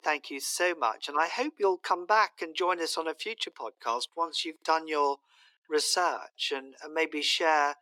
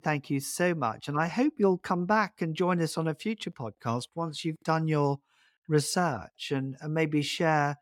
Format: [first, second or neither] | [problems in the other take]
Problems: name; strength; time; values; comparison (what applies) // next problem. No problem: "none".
second | thin; very; fading below 350 Hz